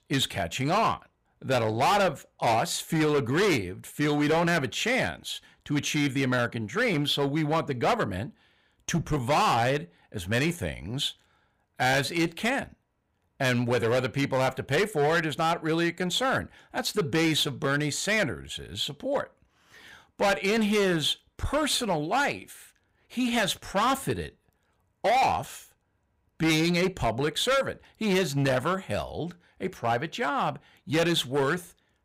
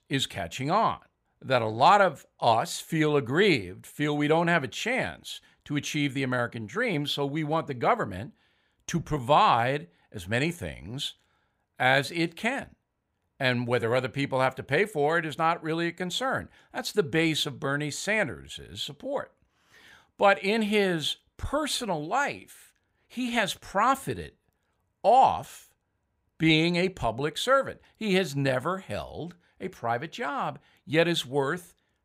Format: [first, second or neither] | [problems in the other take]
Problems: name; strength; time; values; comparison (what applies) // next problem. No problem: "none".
second | distortion; heavy; 10% of the sound clipped